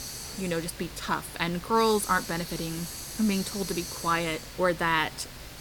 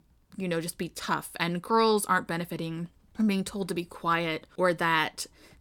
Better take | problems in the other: second | hiss; loud; throughout; 9 dB below the speech

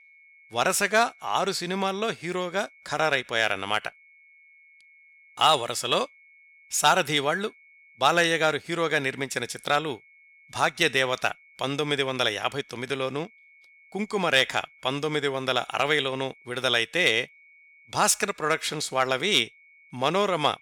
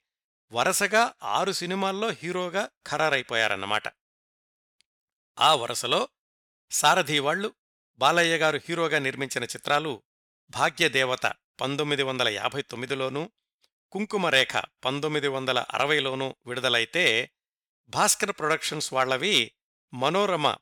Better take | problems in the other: second | high-pitched whine; faint; throughout; 2 kHz, 30 dB below the speech

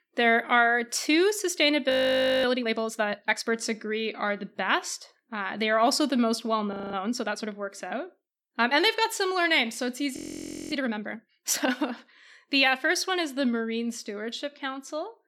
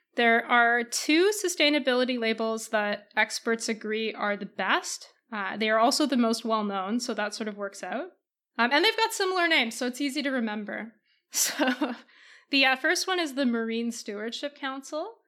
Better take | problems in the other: second | audio freezing; at 2 s for 0.5 s, at 6.5 s and at 10 s for 0.5 s

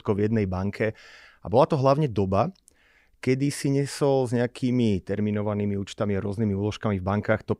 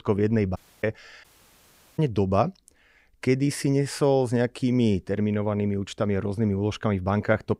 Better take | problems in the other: first | audio cutting out; at 0.5 s and at 1 s for 0.5 s

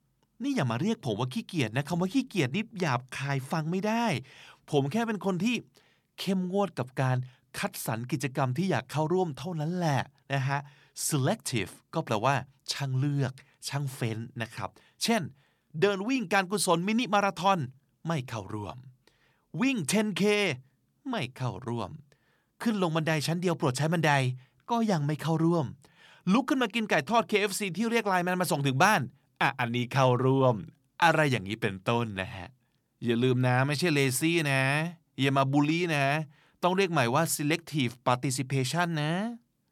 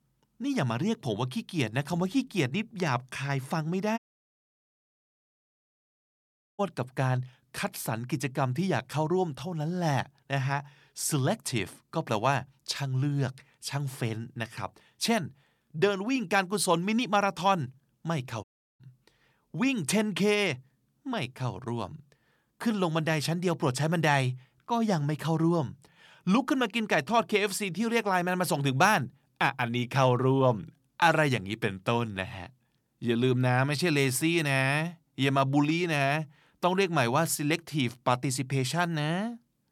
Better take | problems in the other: first | audio cutting out; at 4 s for 2.5 s and at 18 s

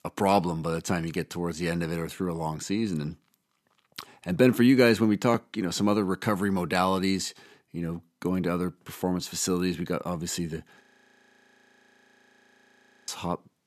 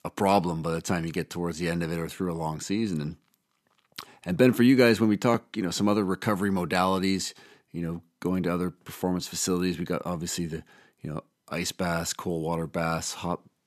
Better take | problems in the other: second | audio freezing; at 11 s for 2.5 s

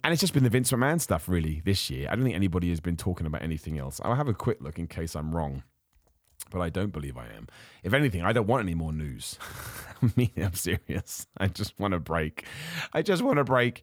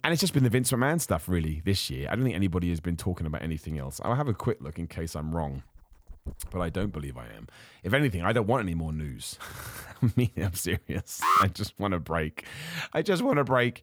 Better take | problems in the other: first | dog barking; faint; from 6 to 7 s; peak 15 dB below the speech // alarm; loud; at 11 s; peak 6 dB above the speech

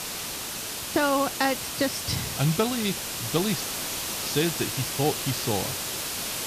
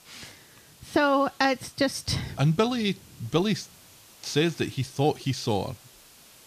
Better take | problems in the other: second | hiss; loud; throughout; 2 dB below the speech; faint in the second

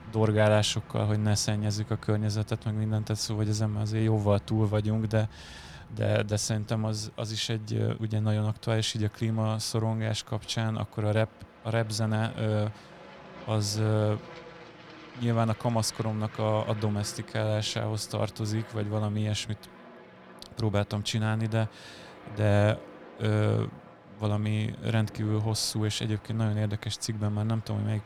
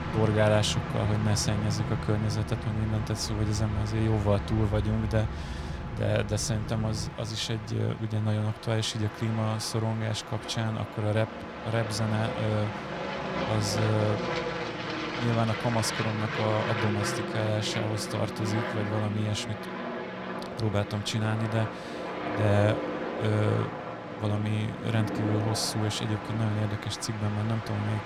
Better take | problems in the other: first | train or aircraft noise; loud; throughout; 5 dB below the speech; faint in the first

